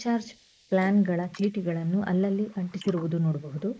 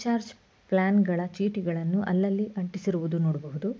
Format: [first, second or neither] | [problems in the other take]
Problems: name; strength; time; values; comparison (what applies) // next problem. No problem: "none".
second | noise reduction (neural mask model Resemble Enhance denoiser)